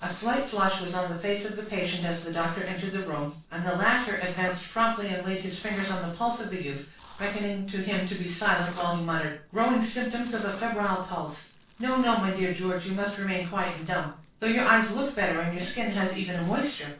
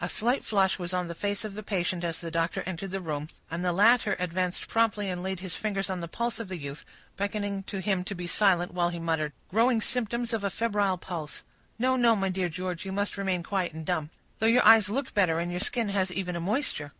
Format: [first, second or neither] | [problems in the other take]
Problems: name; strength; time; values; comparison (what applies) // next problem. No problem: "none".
second | noise reduction (neural separator model SepFormer DNS4)